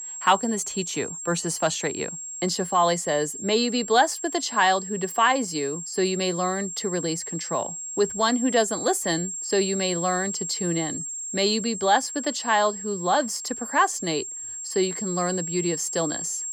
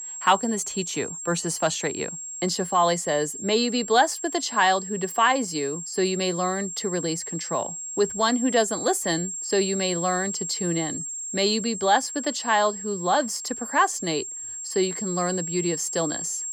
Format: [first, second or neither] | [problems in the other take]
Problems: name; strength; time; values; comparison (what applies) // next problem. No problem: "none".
neither | high-pitched whine; loud; throughout; 7.5 kHz, 6 dB below the speech; the same in both